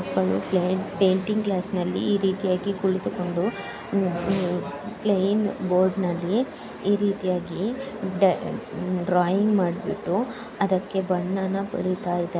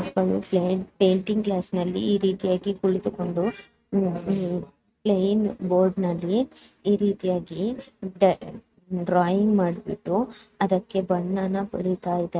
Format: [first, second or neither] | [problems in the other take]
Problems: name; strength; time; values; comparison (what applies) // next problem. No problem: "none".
first | noise reduction (neural mask model RNNoise)